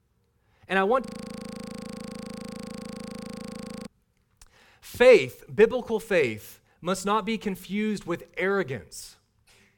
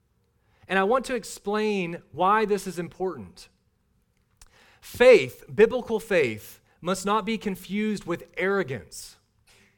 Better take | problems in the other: second | audio freezing; at 1 s for 3 s

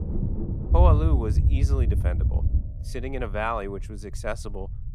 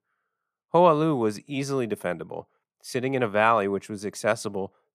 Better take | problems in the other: second | low rumble; loud; throughout; 8 dB below the speech

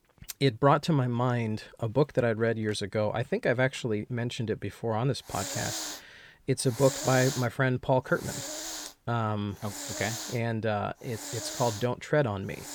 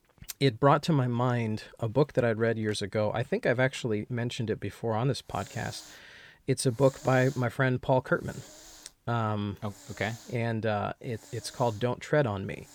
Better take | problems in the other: second | hiss; loud; from 5.5 s on; 7 dB below the speech; faint in the second

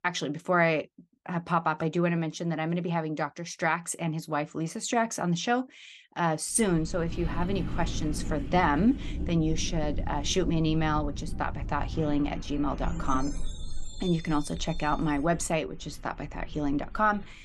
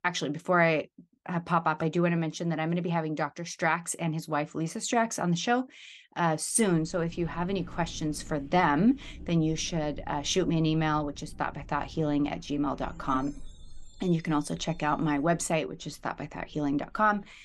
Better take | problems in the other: second | traffic noise; loud; from 7 s on; 9 dB below the speech; faint in the second

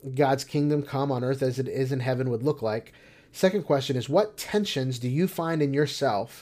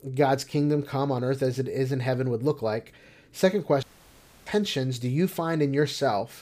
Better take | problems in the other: first | audio cutting out; at 4 s for 0.5 s

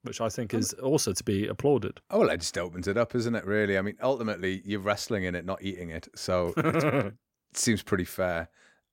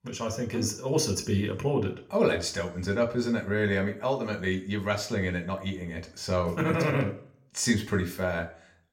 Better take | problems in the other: first | room echo; very slight; dies away in 0.4 s

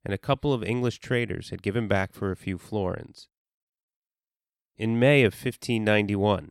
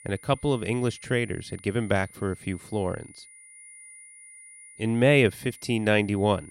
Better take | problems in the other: first | high-pitched whine; faint; throughout; 9.5 kHz, 20 dB below the speech

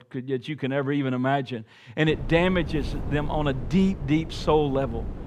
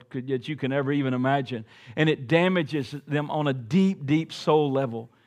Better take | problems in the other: second | wind noise on the microphone; occasional gusts; from 2 s on; 15 dB below the speech

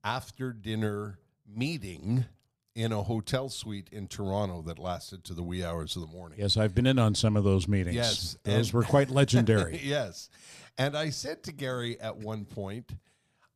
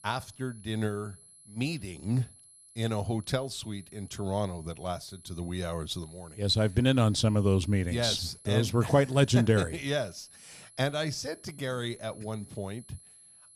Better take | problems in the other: first | high-pitched whine; faint; throughout; 11 kHz, 20 dB below the speech

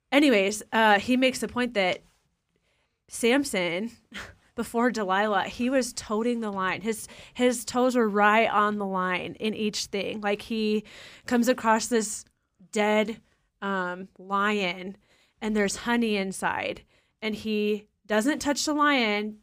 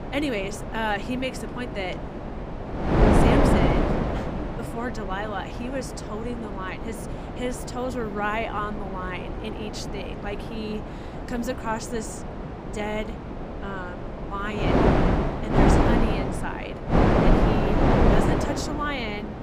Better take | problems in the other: first | wind noise on the microphone; heavy; 3 dB above the speech

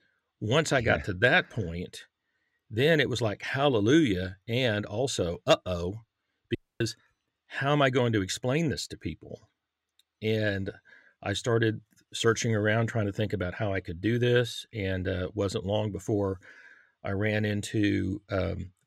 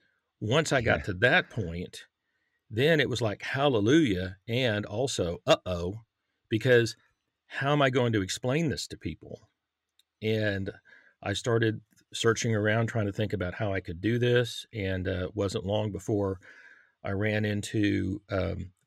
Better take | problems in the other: second | audio cutting out; at 6.5 s

